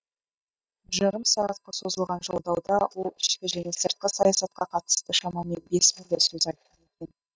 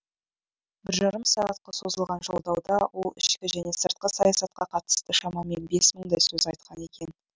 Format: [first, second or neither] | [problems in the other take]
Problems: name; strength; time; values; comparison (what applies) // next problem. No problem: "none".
second | noise reduction (neural mask model DeepFilterNet 3)